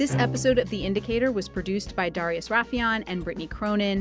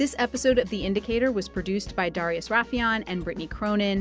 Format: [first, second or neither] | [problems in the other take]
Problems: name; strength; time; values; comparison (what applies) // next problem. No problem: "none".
second | background sound (Bowed string instrument); 10 dB below the speech